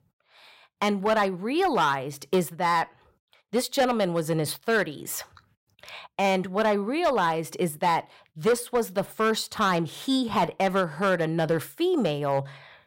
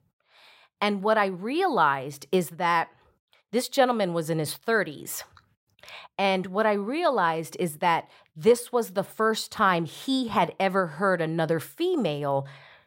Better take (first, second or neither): second